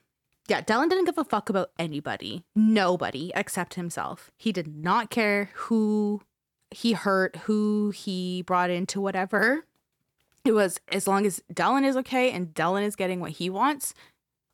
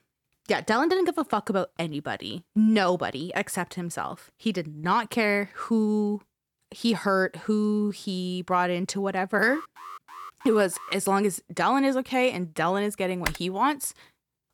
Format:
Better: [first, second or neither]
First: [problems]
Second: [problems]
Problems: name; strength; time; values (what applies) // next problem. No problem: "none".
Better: first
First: none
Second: alarm; faint; from 9.5 to 11 s; peak 15 dB below the speech // keyboard typing; noticeable; at 13 s; peak 6 dB below the speech